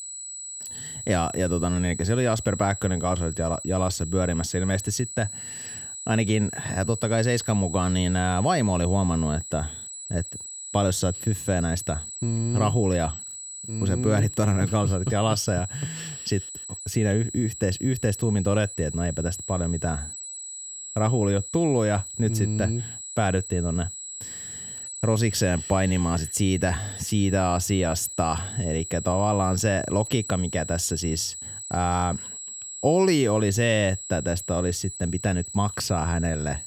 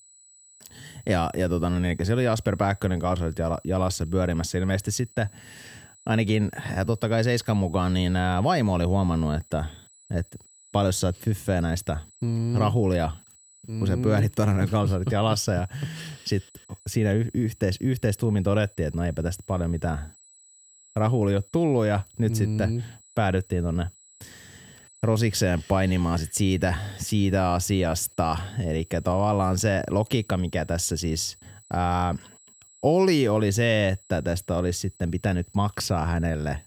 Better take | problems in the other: second | high-pitched whine; loud; throughout; 8 kHz, 9 dB below the speech; faint in the second

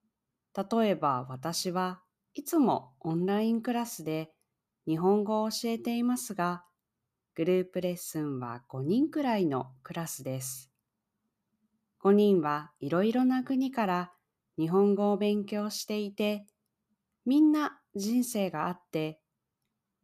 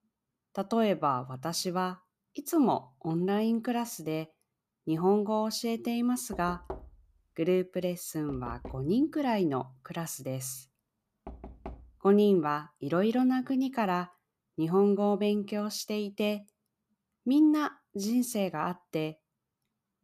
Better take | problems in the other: first | door banging; faint; from 6.5 to 12 s; peak 15 dB below the speech

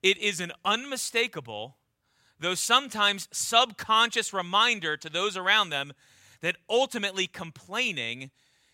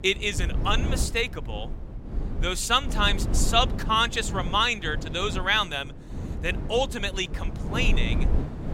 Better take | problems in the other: first | wind noise on the microphone; occasional gusts; 15 dB below the speech

